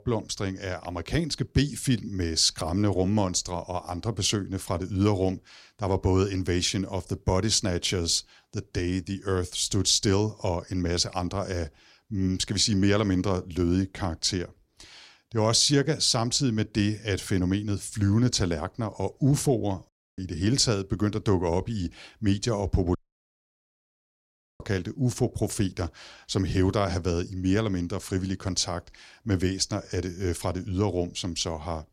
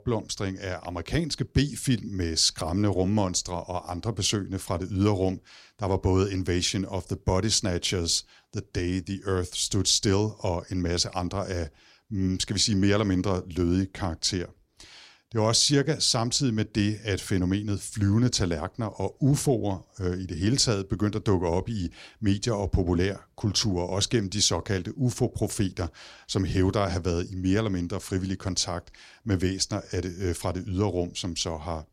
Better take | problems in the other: second | audio cutting out; at 20 s and at 23 s for 1.5 s

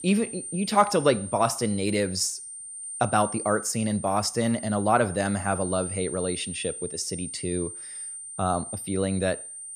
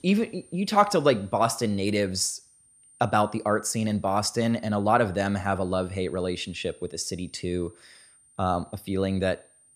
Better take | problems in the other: second | high-pitched whine; loud; throughout; 9 kHz, 9 dB below the speech; faint in the second

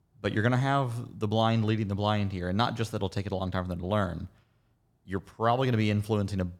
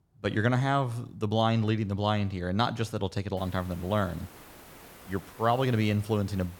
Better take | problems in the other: first | hiss; faint; from 3.5 s on; 20 dB below the speech

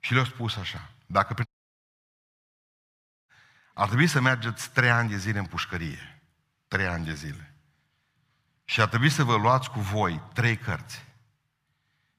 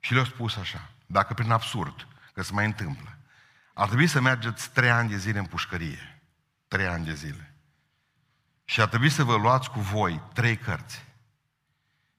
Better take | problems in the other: second | audio cutting out; at 1.5 s for 2 s

